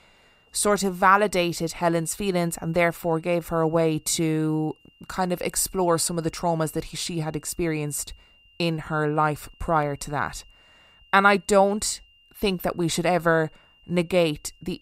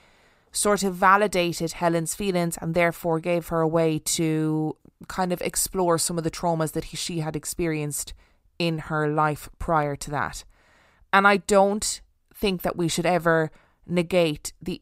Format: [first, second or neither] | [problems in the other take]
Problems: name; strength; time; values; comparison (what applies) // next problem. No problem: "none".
second | high-pitched whine; faint; throughout; 3 kHz, 30 dB below the speech